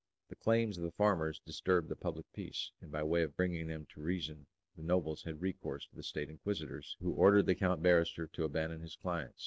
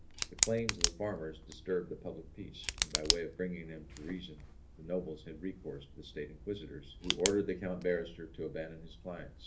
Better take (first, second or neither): first